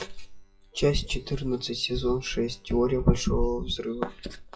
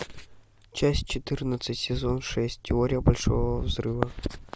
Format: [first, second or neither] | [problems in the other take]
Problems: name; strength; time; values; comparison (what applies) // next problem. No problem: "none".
second | noise reduction (classical method WPE with log-MMSE)